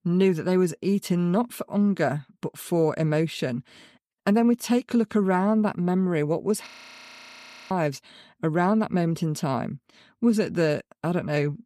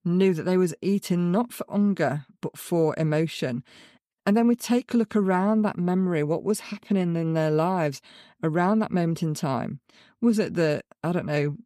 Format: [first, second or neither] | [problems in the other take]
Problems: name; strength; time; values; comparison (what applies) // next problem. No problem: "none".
second | audio freezing; at 6.5 s for 1 s